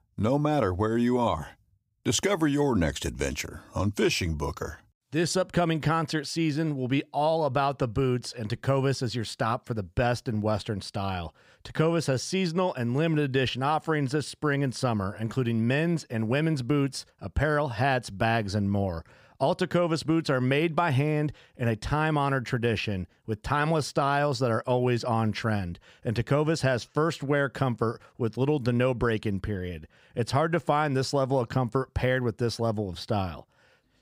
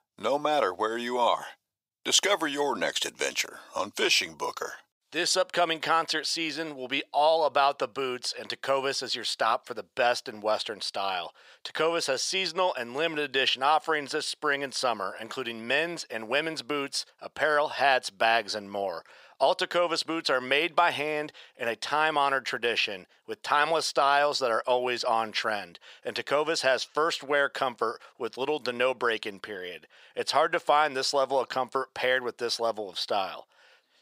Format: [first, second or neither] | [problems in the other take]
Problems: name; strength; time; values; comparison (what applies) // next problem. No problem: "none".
first | thin; very; fading below 650 Hz